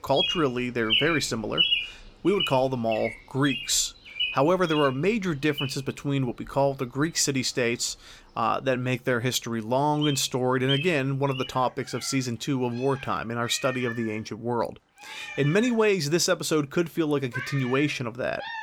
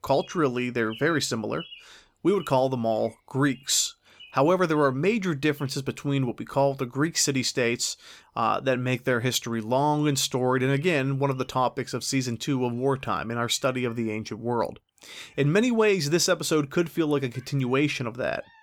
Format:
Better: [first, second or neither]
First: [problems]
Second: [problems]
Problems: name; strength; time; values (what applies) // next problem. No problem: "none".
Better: second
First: animal sounds; loud; throughout; 4 dB below the speech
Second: animal sounds; faint; throughout; 25 dB below the speech